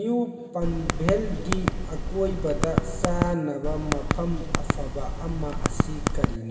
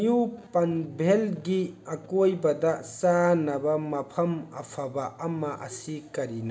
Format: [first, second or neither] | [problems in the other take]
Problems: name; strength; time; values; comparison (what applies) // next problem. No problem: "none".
second | background sound (Typing); 3 dB above the speech // room echo; dies away in 2.2 s